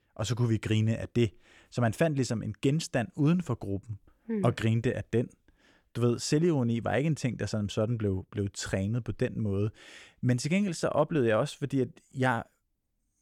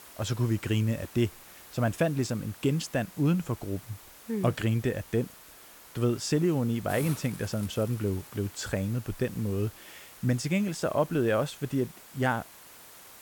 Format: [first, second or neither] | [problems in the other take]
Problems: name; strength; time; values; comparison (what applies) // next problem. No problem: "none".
first | hiss; noticeable; throughout; 15 dB below the speech